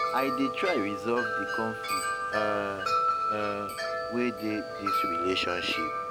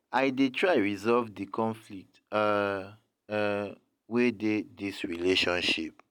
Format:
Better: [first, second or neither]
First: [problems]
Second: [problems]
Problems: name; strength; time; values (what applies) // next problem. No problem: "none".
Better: second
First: background sound (Wind chime); 1 dB above the speech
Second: none